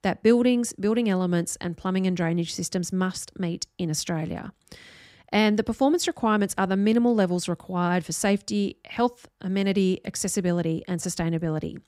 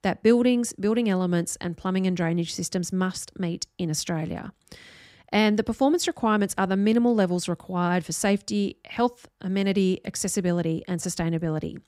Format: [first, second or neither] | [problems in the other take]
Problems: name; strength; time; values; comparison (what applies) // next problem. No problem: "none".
neither | none